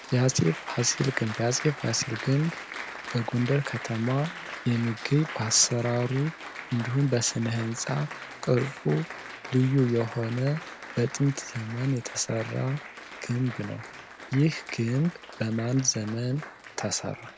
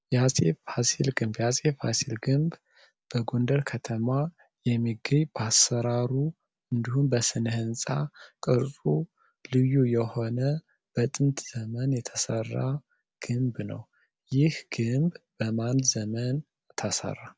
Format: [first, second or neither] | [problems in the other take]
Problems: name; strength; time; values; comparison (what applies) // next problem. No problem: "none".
second | background sound (Applause); 13 dB below the speech